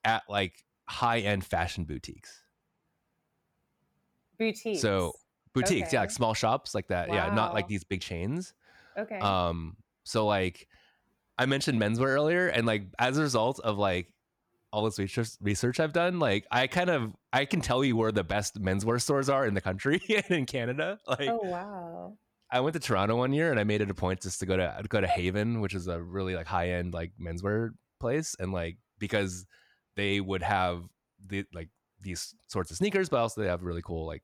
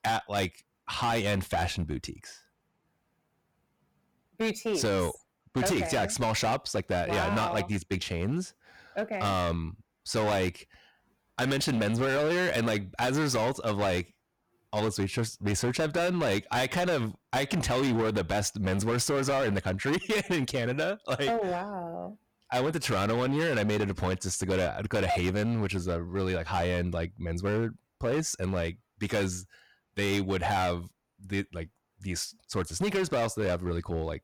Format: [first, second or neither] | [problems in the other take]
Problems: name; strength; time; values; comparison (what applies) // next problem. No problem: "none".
first | distortion; heavy; 15% of the sound clipped